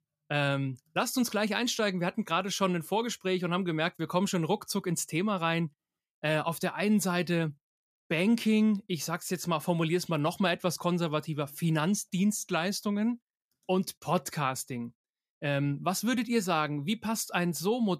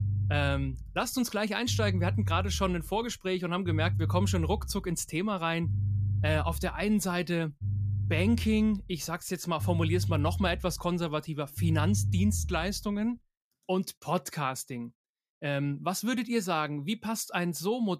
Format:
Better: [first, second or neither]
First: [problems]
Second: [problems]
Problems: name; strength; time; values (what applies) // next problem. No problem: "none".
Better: first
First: none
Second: low rumble; noticeable; until 13 s; 15 dB below the speech